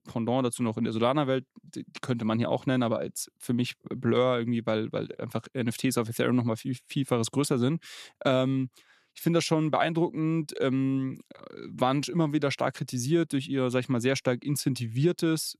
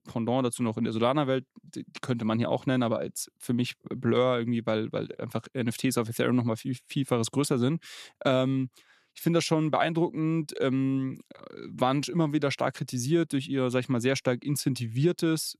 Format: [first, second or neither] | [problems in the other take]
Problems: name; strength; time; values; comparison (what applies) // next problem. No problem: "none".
neither | none